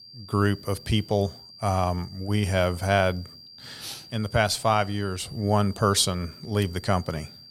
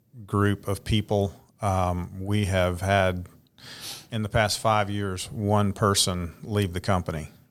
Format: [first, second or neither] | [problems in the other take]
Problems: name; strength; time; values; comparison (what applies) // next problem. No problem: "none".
second | high-pitched whine; noticeable; throughout; 4.5 kHz, 20 dB below the speech